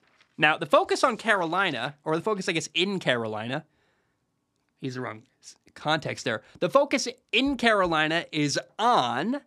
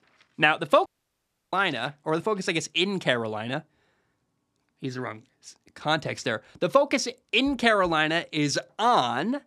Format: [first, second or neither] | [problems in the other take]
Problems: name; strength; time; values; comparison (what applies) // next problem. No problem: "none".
first | audio cutting out; at 1 s for 0.5 s